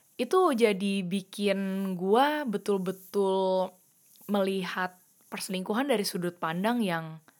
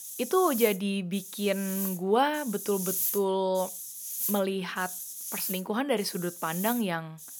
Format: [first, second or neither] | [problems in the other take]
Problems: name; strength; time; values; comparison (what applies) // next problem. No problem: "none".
first | hiss; loud; throughout; 5 dB below the speech; faint in the first